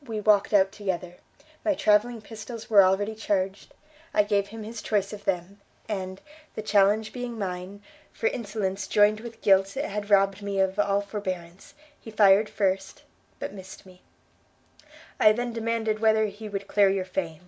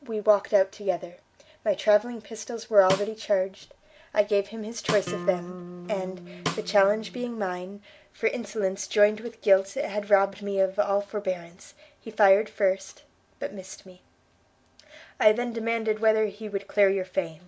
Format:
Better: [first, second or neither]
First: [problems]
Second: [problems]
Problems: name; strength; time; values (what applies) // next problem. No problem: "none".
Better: first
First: none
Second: background sound (Snare drum + Acoustic guitar); 9 dB below the speech